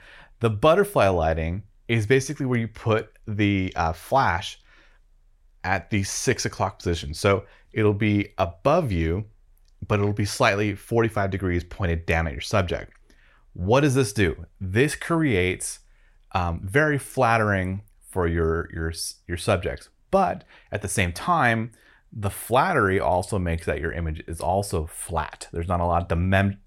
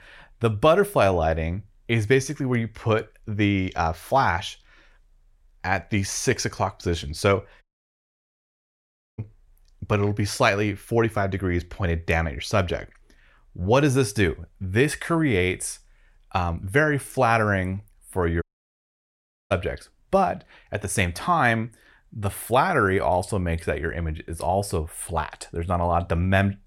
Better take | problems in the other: first | audio cutting out; at 7.5 s for 1.5 s and at 18 s for 1 s

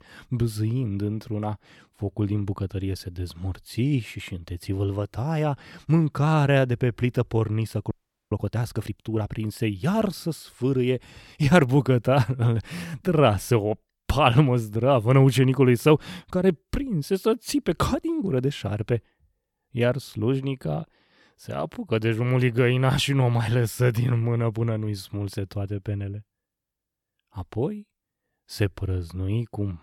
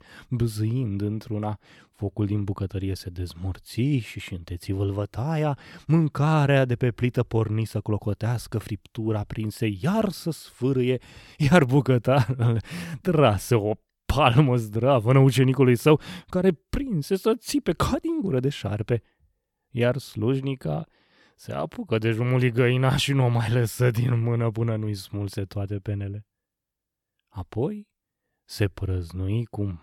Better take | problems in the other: second | audio freezing; at 8 s

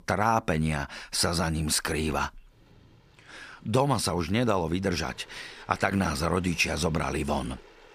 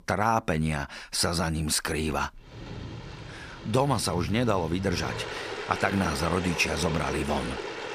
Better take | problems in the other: first | rain or running water; loud; from 2.5 s on; 9 dB below the speech; faint in the first

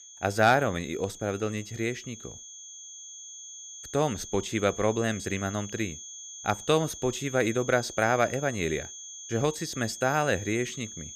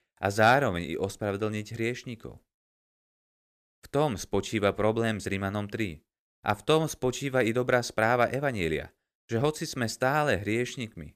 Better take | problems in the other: second | high-pitched whine; noticeable; throughout; 6.5 kHz, 10 dB below the speech

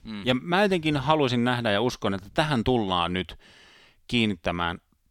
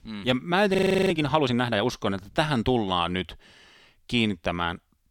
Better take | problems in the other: first | audio freezing; at 1 s

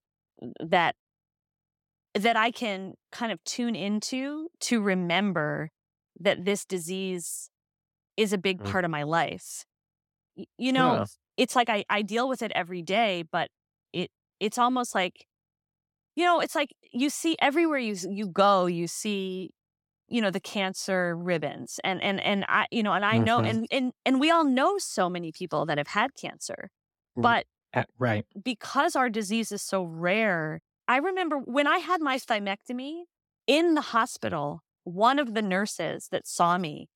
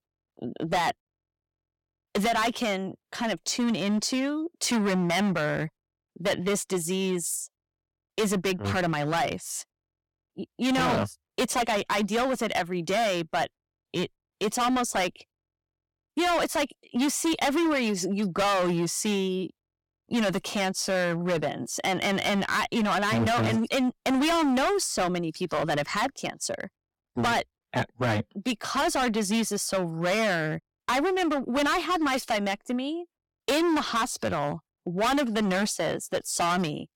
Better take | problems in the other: first | distortion; heavy; 16% of the sound clipped

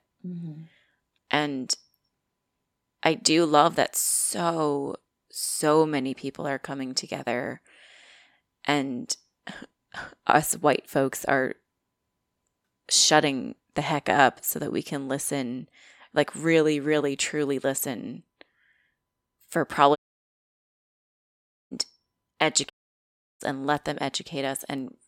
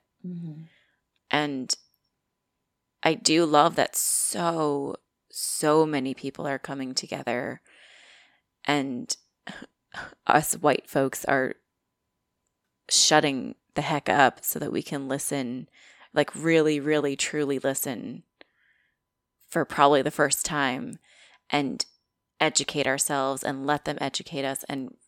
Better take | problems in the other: second | audio cutting out; at 20 s for 2 s and at 23 s for 0.5 s

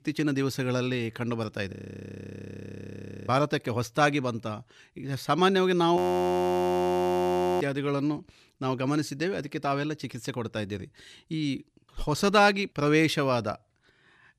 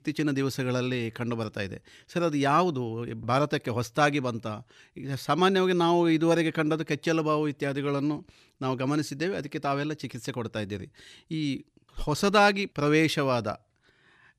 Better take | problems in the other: second | audio freezing; at 1.5 s for 1.5 s and at 6 s for 1.5 s

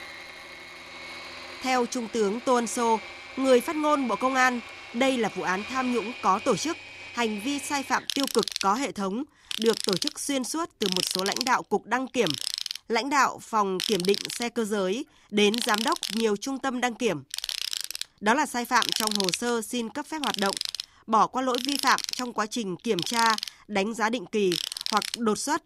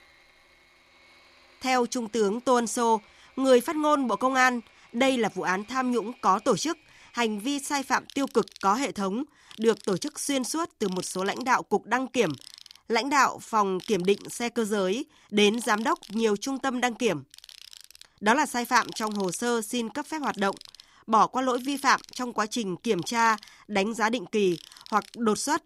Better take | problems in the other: second | machinery noise; loud; throughout; 5 dB below the speech; faint in the second

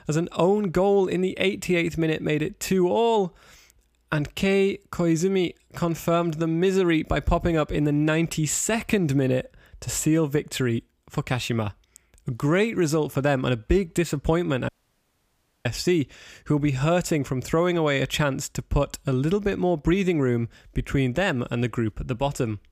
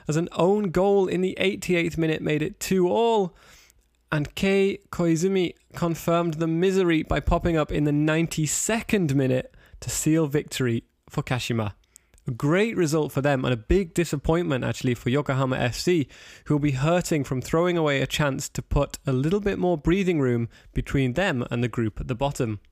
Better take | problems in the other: second | audio cutting out; at 15 s for 1 s

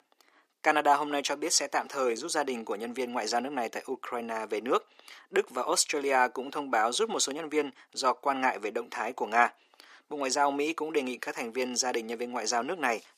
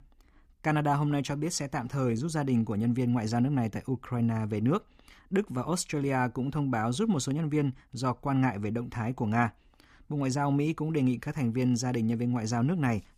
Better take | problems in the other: second | thin; very; fading below 400 Hz

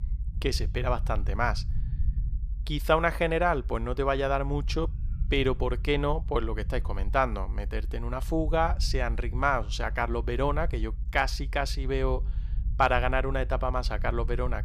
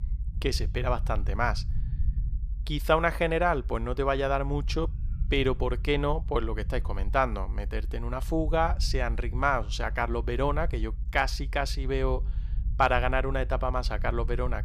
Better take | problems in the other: neither | low rumble; faint; throughout; 25 dB below the speech; the same in both

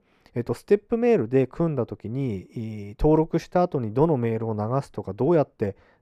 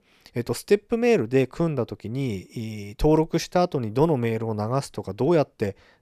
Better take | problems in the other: second | muffled; slightly; fading above 2.5 kHz

